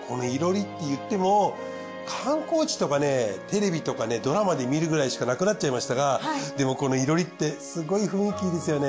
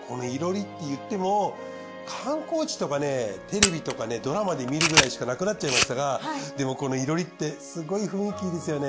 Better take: first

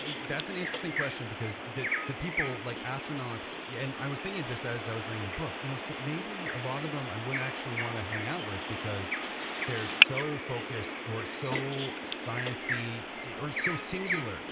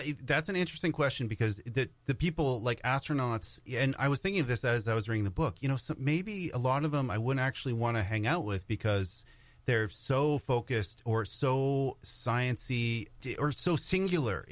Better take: second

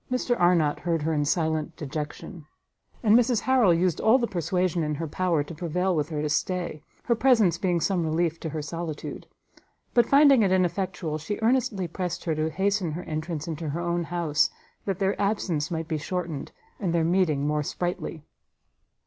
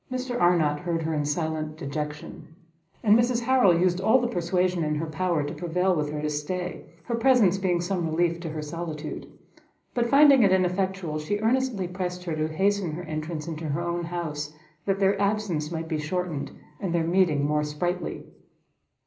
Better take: first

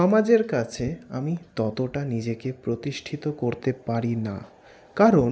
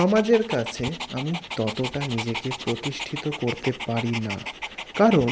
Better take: first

